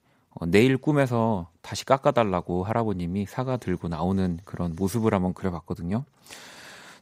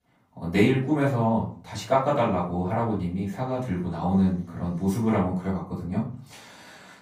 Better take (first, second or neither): first